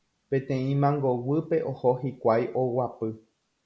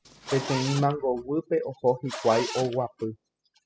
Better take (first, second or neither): first